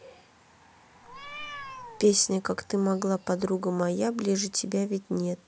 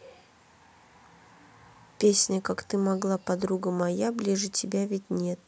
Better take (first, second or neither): second